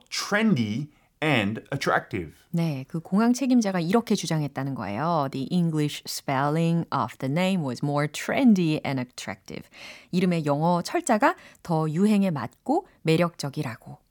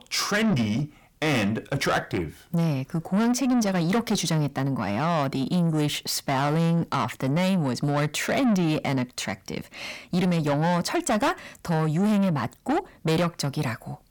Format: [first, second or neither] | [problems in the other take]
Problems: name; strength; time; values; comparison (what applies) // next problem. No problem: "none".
first | distortion; heavy; 8 dB below the speech